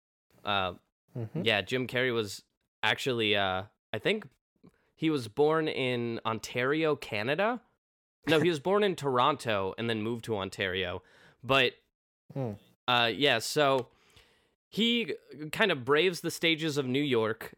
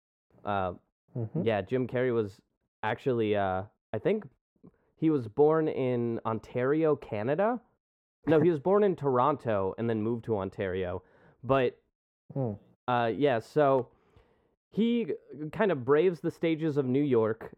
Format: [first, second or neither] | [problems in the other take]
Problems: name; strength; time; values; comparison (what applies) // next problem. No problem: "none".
first | muffled; very; fading above 2 kHz